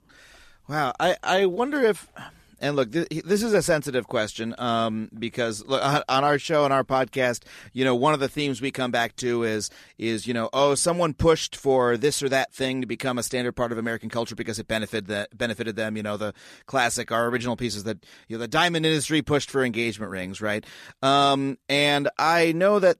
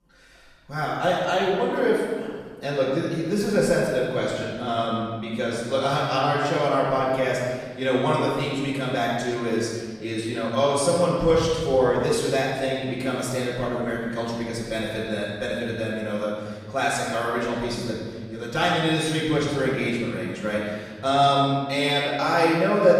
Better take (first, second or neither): first